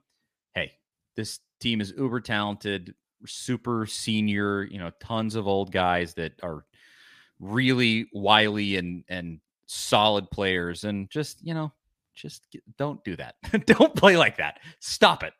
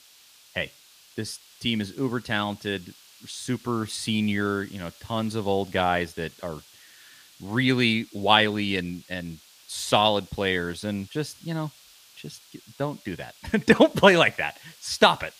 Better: first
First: none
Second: hiss; faint; throughout; 25 dB below the speech

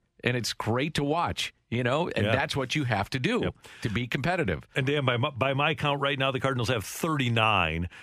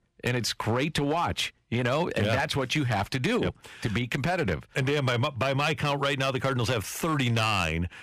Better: first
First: none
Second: distortion; slight; 7% of the sound clipped

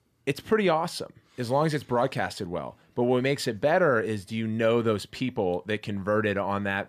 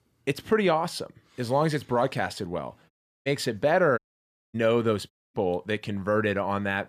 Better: first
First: none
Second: audio cutting out; at 3 s, at 4 s for 0.5 s and at 5 s

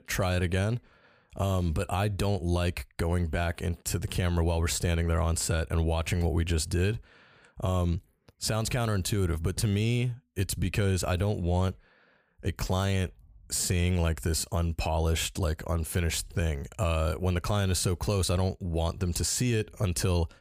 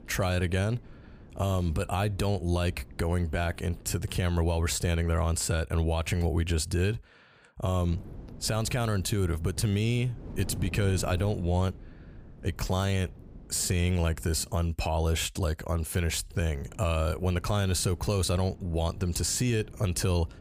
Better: first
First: none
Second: wind noise on the microphone; occasional gusts; until 4 s, from 8 to 15 s and from 16 s on; 20 dB below the speech

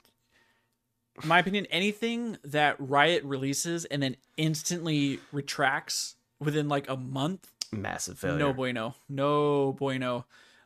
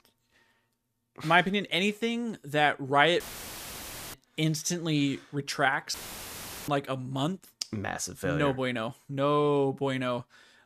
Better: first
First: none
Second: audio cutting out; filled with static; at 3 s for 1 s and at 6 s for 0.5 s

